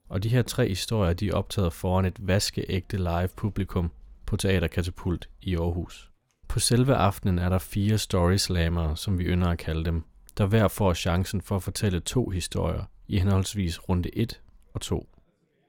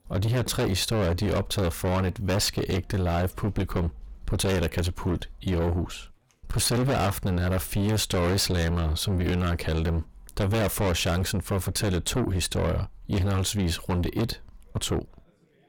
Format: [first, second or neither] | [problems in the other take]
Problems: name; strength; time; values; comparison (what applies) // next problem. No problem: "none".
first | distortion; heavy; 6 dB below the speech